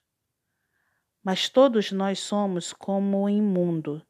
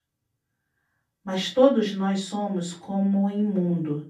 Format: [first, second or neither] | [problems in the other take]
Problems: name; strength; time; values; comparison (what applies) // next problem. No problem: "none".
first | room echo; slight; dies away in 0.3 s // off-mic speech; far